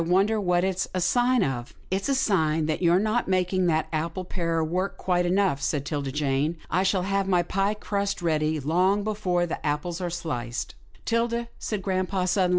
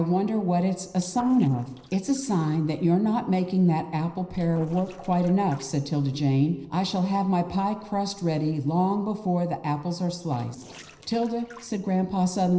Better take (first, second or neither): first